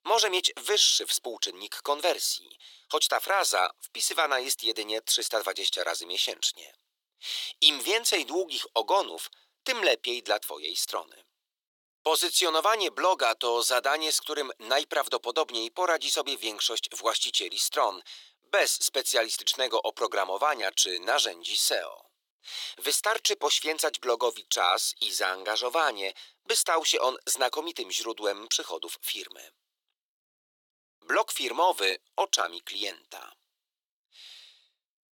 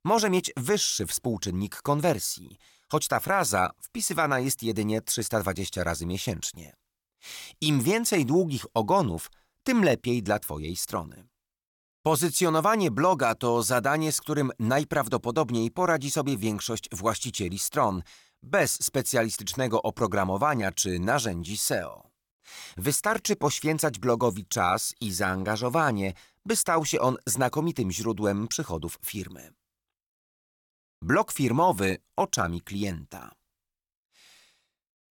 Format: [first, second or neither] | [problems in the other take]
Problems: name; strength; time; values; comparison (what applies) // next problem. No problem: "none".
second | thin; very; fading below 400 Hz